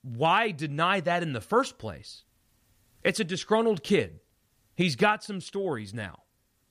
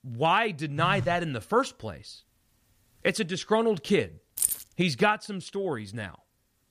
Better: first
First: none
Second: phone ringing; noticeable; at 1 s; peak 7 dB below the speech // jangling keys; loud; at 4.5 s; peak 1 dB above the speech

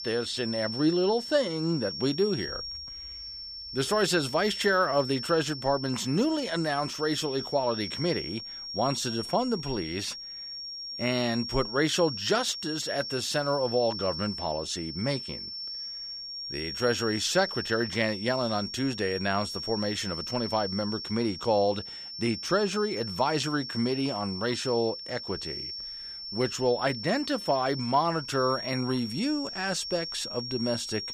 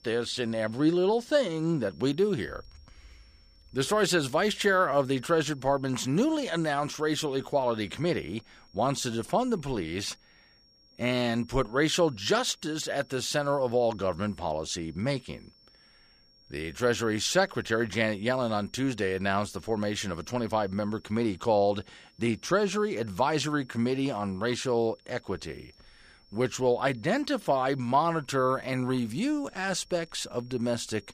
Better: second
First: high-pitched whine; loud; throughout; 5.5 kHz, 7 dB below the speech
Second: high-pitched whine; faint; throughout; 5.5 kHz, 30 dB below the speech

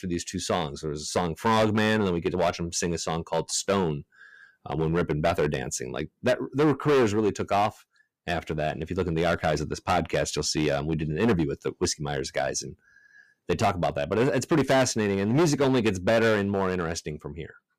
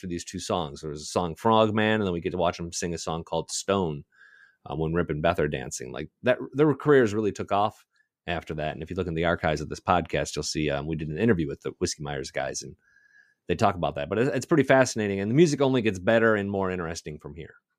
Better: second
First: distortion; heavy; 7% of the sound clipped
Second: none

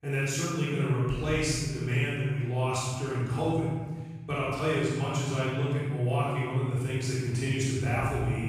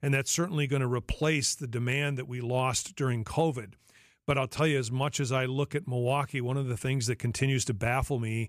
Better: second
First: off-mic speech; far // room echo; strong; dies away in 1.5 s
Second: none

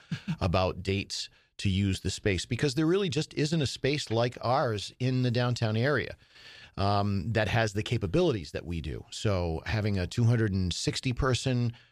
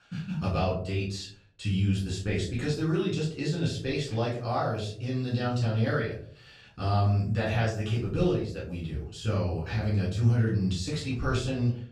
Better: first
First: none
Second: off-mic speech; far // room echo; noticeable; dies away in 0.5 s

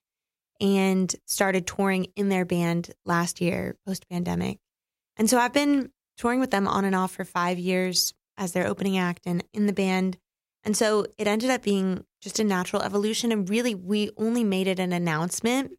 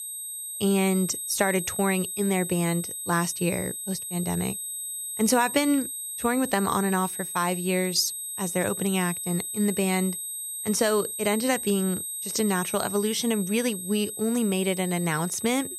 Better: first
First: none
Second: high-pitched whine; loud; throughout; 8.5 kHz, 5 dB below the speech

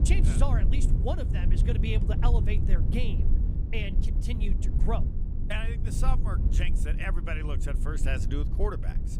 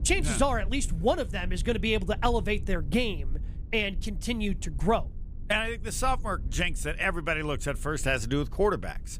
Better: second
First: low rumble; loud; throughout; 6 dB below the speech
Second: low rumble; faint; throughout; 25 dB below the speech

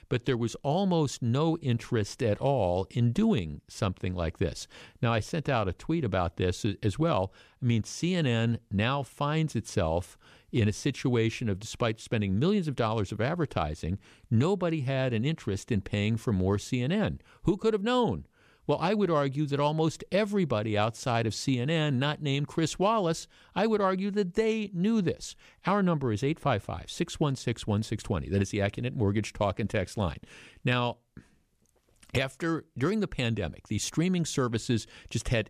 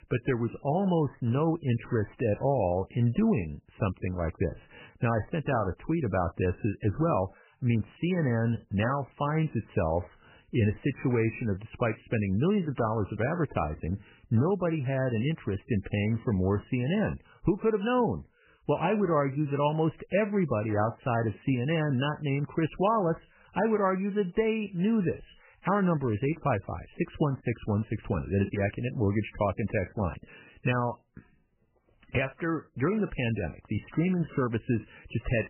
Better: first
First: none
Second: garbled, watery; badly; nothing above 3 kHz

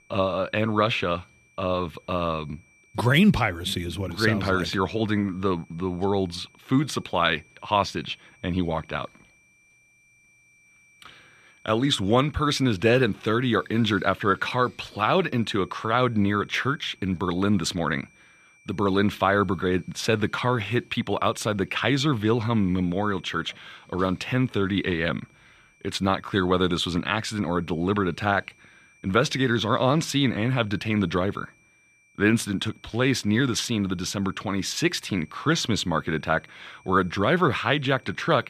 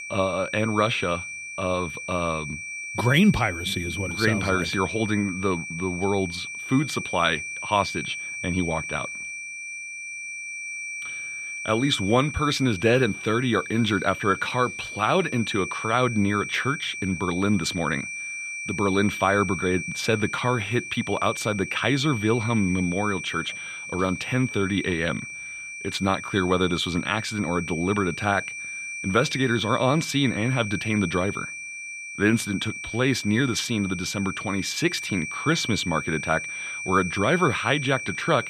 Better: first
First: high-pitched whine; faint; throughout; 2.5 kHz, 30 dB below the speech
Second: high-pitched whine; loud; throughout; 2.5 kHz, 7 dB below the speech

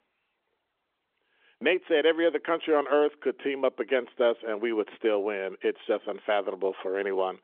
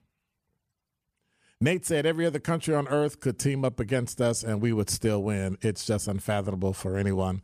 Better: second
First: phone-call audio; nothing above 3 kHz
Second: none

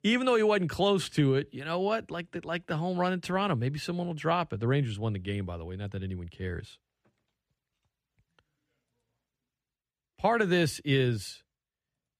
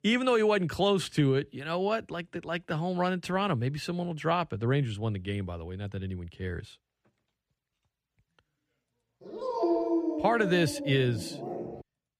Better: first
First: none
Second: dog barking; loud; from 9.5 s on; peak 2 dB above the speech

